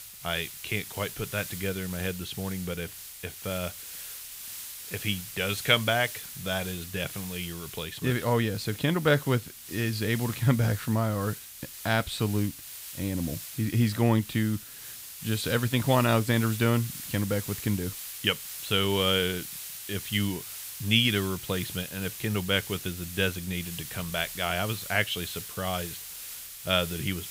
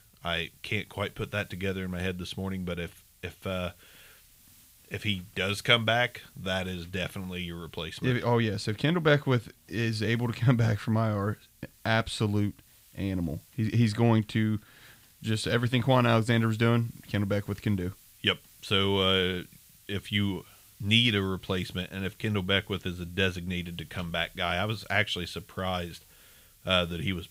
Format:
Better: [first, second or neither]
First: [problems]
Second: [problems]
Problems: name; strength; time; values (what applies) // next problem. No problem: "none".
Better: second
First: hiss; loud; throughout; 10 dB below the speech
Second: hiss; faint; throughout; 25 dB below the speech